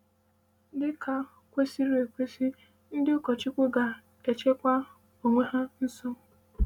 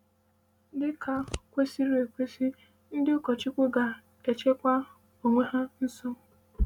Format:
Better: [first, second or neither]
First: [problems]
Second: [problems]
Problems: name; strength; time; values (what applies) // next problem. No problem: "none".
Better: first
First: none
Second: background sound (Scissors); 14 dB below the speech